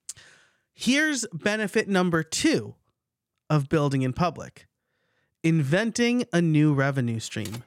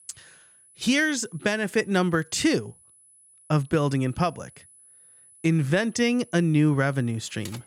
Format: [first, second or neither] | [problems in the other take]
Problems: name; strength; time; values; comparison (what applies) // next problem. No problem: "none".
first | high-pitched whine; faint; throughout; 10 kHz, 25 dB below the speech